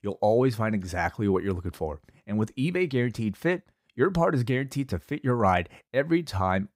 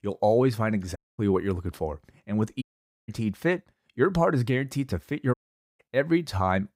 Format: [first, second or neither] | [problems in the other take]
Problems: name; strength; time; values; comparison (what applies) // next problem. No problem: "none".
first | audio cutting out; at 1 s, at 2.5 s and at 5.5 s